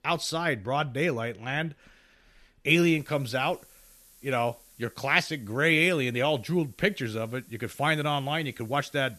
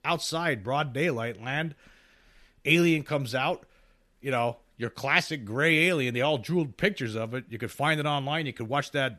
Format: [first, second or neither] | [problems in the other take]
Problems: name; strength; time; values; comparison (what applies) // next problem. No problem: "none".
second | hiss; faint; from 3 s on; 25 dB below the speech